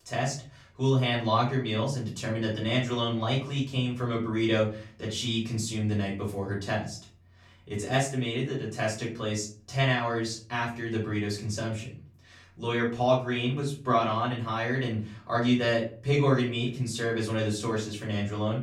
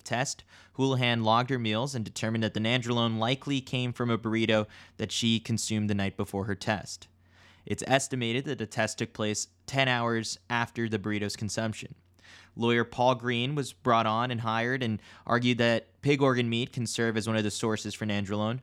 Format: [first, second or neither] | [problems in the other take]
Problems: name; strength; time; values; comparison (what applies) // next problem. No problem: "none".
second | room echo; slight; dies away in 0.4 s // off-mic speech; far